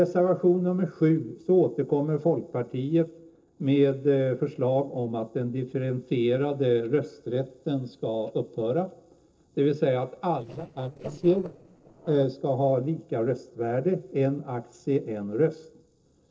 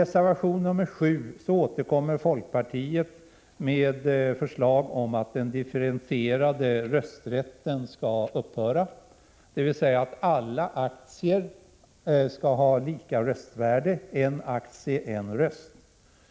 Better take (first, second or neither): second